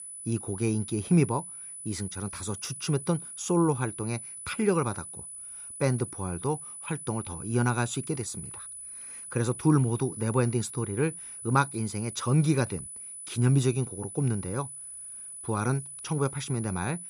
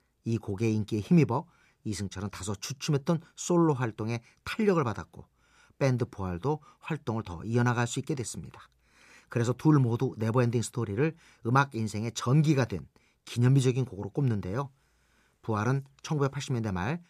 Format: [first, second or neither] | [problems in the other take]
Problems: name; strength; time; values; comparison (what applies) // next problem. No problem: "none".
second | high-pitched whine; loud; throughout; 10 kHz, 10 dB below the speech